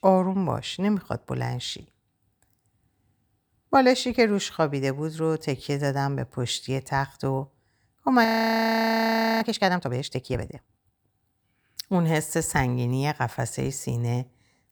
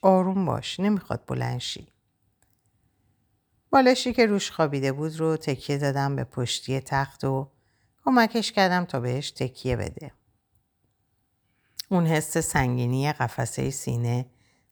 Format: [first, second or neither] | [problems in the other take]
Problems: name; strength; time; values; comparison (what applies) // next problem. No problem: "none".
second | audio freezing; at 8.5 s for 1 s